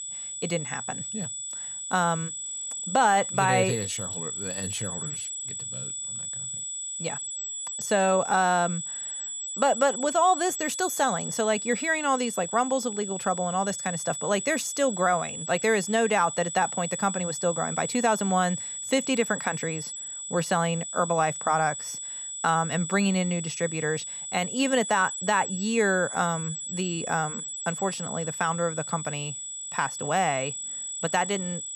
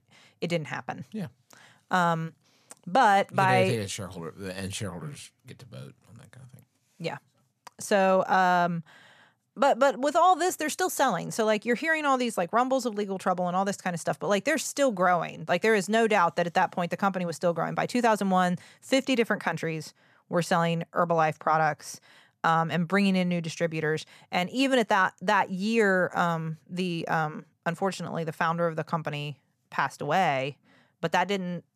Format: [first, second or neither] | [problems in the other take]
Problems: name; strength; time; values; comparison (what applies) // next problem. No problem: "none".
second | high-pitched whine; loud; throughout; 8 kHz, 5 dB below the speech